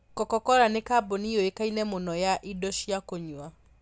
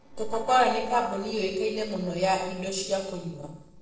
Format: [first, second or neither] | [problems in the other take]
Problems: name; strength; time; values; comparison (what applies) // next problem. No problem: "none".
first | noise reduction (neural separator model SepFormer DNS4)